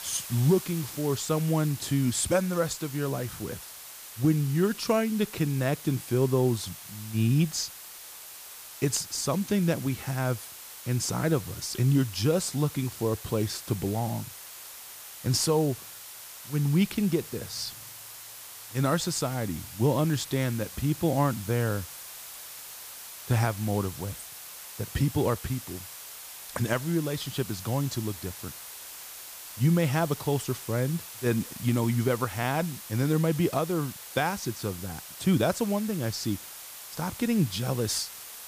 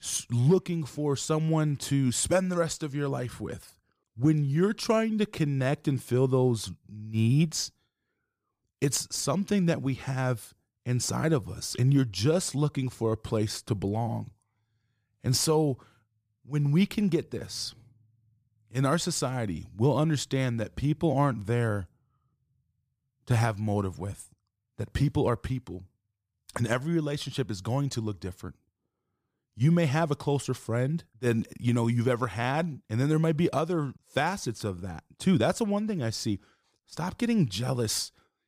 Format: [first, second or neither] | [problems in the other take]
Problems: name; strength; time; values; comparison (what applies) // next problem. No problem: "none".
second | hiss; noticeable; throughout; 10 dB below the speech